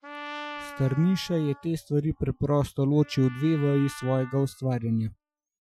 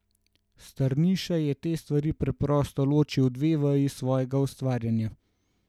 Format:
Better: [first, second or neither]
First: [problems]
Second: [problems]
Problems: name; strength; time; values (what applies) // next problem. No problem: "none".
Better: second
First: noise reduction (classical method Wiener filter)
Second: none